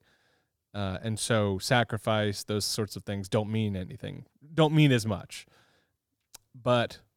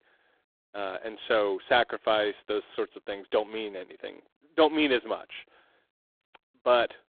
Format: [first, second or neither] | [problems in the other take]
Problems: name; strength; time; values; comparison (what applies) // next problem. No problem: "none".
first | phone-call audio; poor line; nothing above 3.5 kHz